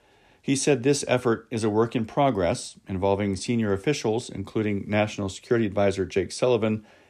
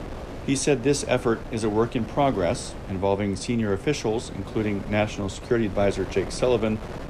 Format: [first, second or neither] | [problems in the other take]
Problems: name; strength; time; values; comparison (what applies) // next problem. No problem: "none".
first | wind noise on the microphone; occasional gusts; 15 dB below the speech